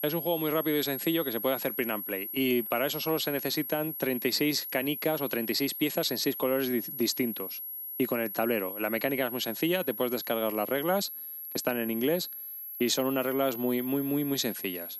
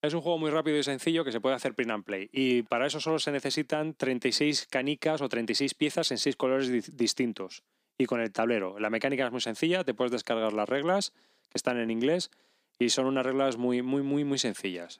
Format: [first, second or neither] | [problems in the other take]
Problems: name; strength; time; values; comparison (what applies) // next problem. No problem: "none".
second | high-pitched whine; loud; throughout; 11.5 kHz, 6 dB below the speech